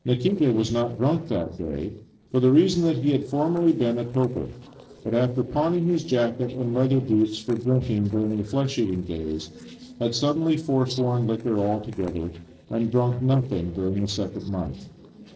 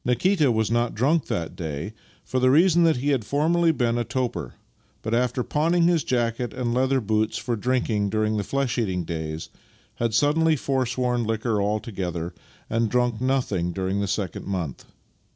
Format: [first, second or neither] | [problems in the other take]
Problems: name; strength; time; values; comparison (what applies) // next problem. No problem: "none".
second | noise reduction (neural separator model SepFormer DNS4)